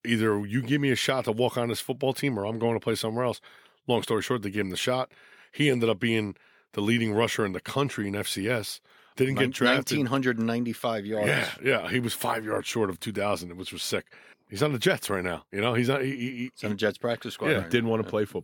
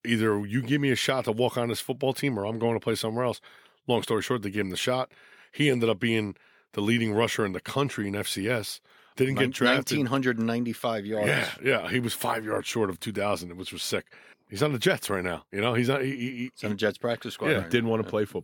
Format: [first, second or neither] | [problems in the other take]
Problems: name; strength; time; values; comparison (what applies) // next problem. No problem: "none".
neither | none